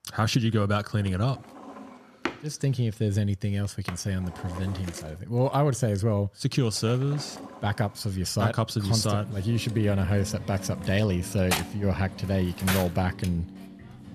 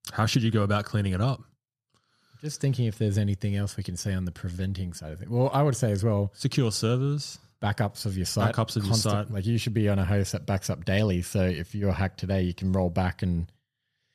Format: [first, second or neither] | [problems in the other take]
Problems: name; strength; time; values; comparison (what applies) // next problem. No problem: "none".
second | household noises; noticeable; throughout; 10 dB below the speech